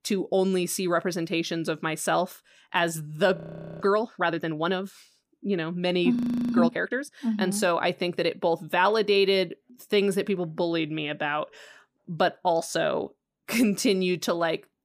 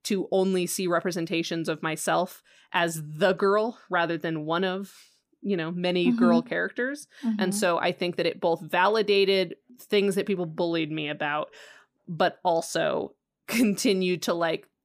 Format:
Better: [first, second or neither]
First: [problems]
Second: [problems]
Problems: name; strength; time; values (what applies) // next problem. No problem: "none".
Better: second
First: audio freezing; at 3.5 s and at 6 s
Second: none